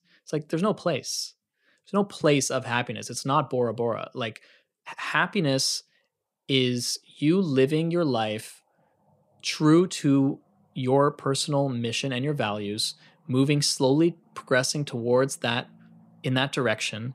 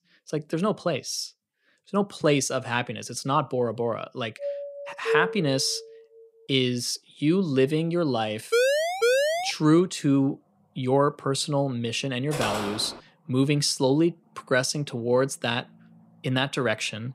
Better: first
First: none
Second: doorbell; noticeable; from 4.5 to 5.5 s; peak 1 dB below the speech // siren; loud; at 8.5 s; peak 4 dB above the speech // footsteps; noticeable; at 12 s; peak 4 dB below the speech

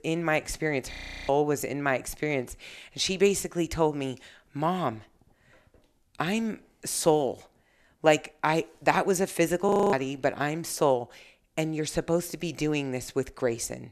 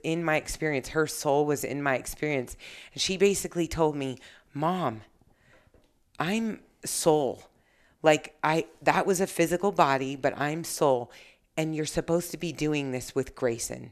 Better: second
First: audio freezing; at 1 s and at 9.5 s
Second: none

